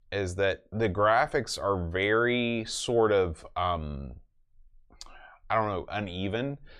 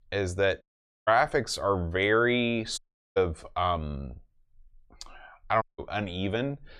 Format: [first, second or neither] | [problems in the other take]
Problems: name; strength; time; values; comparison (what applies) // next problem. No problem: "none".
first | audio cutting out; at 0.5 s, at 3 s and at 5.5 s